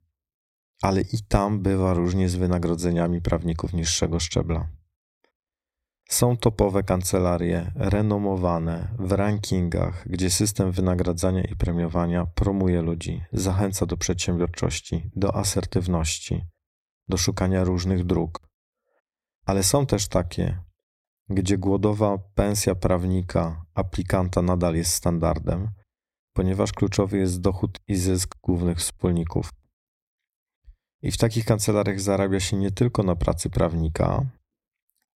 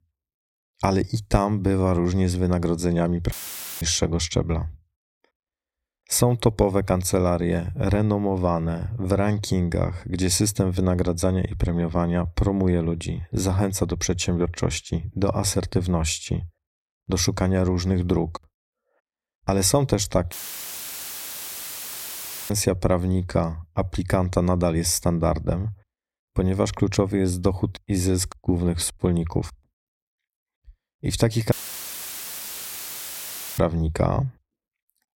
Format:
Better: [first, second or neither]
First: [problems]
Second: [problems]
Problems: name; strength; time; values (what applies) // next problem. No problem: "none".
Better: first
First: none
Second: audio cutting out; filled with static; at 3.5 s, at 20 s for 2 s and at 32 s for 2 s